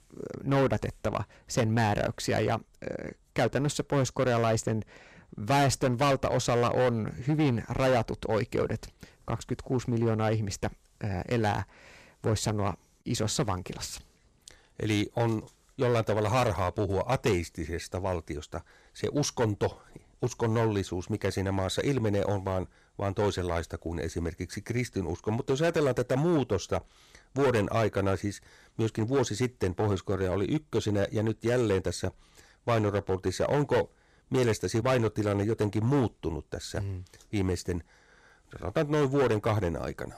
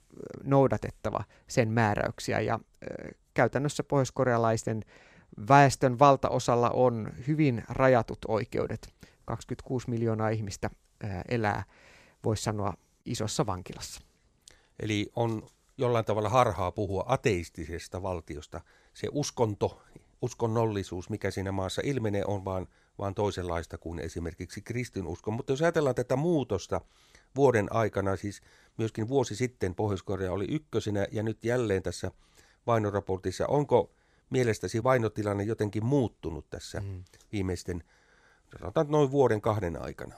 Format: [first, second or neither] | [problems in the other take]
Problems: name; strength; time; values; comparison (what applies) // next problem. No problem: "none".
second | distortion; heavy; 7% of the sound clipped